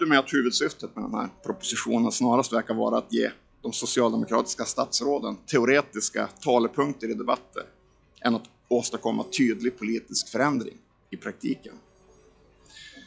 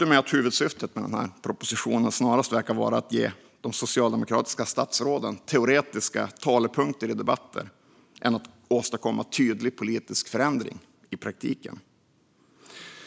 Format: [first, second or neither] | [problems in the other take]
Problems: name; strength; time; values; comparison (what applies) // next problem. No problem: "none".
second | noise reduction (classical method log-MMSE)